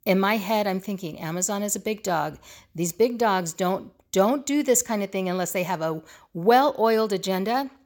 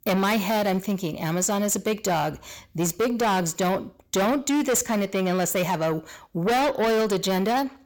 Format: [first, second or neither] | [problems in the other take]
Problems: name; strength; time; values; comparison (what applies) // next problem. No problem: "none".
first | distortion; heavy; 6 dB below the speech